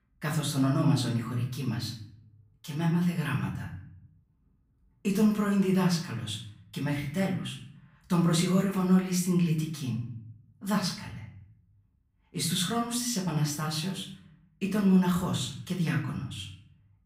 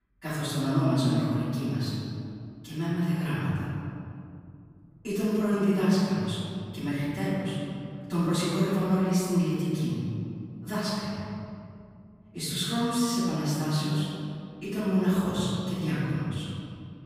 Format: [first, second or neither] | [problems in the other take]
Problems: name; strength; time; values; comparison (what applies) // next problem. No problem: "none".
first | room echo; strong; dies away in 2.4 s; slight in the first // off-mic speech; far; far in the first